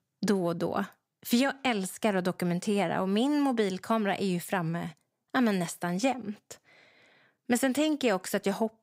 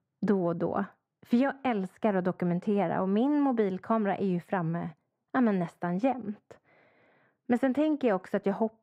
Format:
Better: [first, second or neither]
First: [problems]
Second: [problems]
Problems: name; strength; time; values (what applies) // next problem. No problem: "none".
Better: first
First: none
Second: muffled; very; fading above 3 kHz